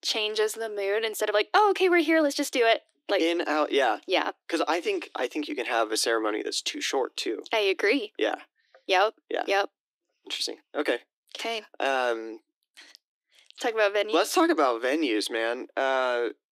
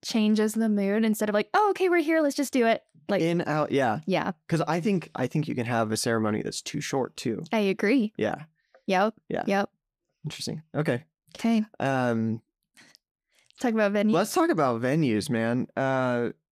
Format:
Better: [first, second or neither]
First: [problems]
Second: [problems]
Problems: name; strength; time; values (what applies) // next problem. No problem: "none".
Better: second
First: thin; somewhat; fading below 300 Hz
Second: none